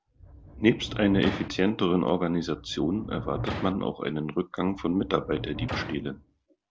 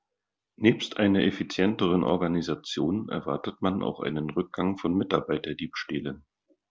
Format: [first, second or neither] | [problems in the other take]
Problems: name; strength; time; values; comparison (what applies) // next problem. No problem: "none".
second | background sound (Sliding door); 11 dB below the speech